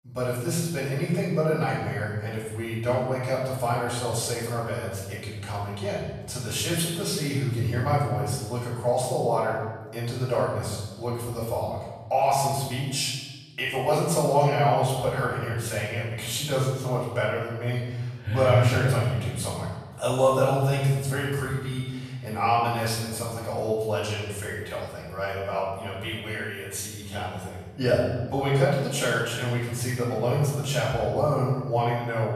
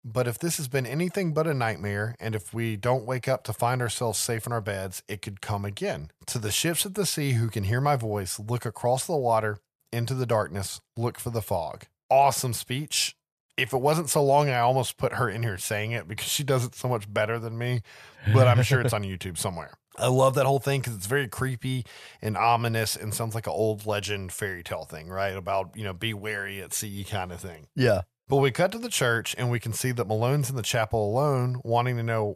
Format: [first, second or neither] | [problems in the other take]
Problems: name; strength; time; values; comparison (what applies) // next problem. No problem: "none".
second | room echo; noticeable; dies away in 1.1 s // off-mic speech; far